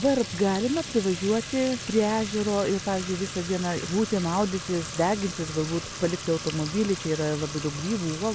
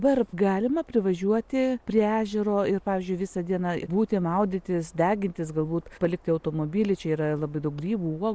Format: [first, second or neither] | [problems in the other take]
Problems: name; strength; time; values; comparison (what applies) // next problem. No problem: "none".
second | background sound (Fill (with liquid) / Trickle, dribble / Sink (filling or washing)); 10 dB below the speech